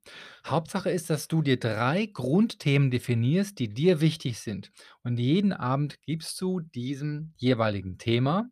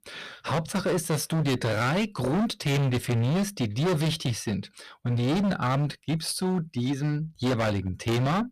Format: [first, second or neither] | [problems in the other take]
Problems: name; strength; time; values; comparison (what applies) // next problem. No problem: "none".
first | distortion; heavy; 26% of the sound clipped